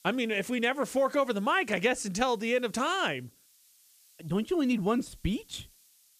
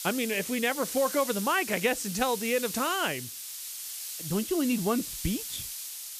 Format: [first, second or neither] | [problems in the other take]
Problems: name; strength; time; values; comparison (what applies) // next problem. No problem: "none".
first | hiss; loud; throughout; 6 dB below the speech; faint in the first